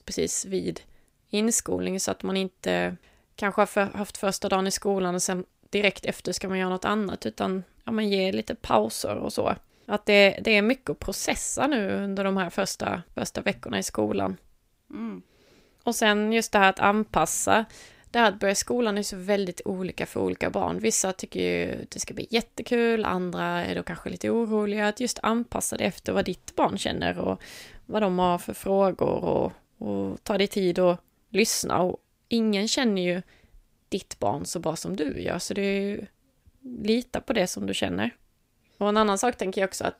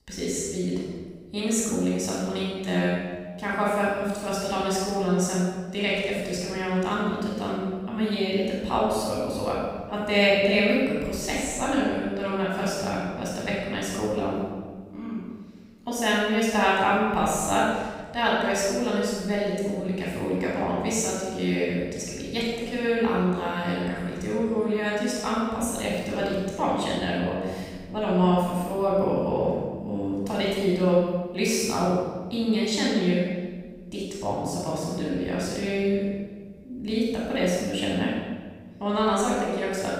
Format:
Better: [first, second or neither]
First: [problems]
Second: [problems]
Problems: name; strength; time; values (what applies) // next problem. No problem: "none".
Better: first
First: none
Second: off-mic speech; far // room echo; strong; dies away in 1.4 s